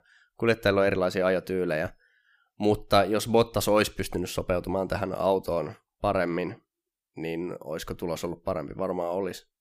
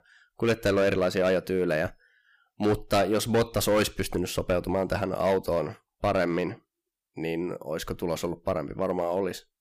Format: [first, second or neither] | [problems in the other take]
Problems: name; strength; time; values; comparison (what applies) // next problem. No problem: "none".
first | distortion; slight; 5% of the sound clipped